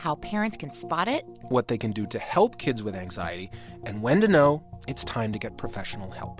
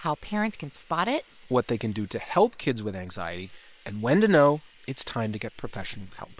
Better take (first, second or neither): first